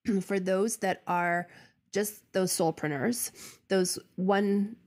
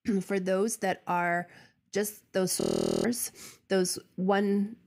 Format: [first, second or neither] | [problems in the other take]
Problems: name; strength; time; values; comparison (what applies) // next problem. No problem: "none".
first | audio freezing; at 2.5 s